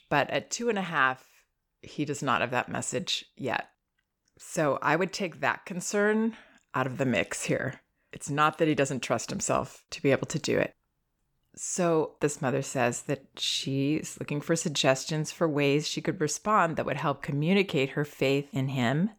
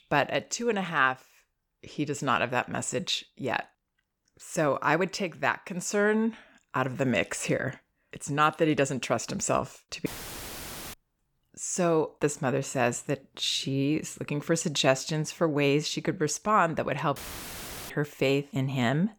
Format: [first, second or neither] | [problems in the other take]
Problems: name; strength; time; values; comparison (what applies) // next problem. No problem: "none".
first | audio cutting out; filled with static; at 10 s for 1 s and at 17 s for 0.5 s